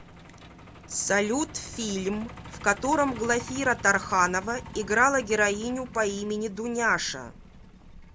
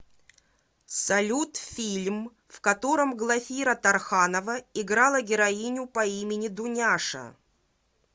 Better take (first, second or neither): second